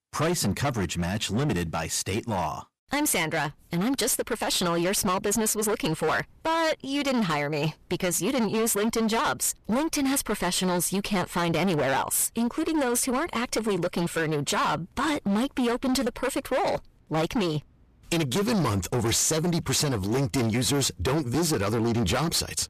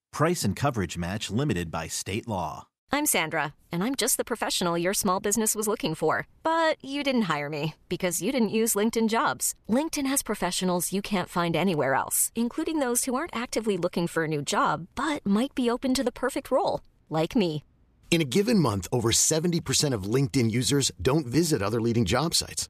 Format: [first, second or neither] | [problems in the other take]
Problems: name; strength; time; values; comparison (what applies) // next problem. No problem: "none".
second | distortion; heavy; 23% of the sound clipped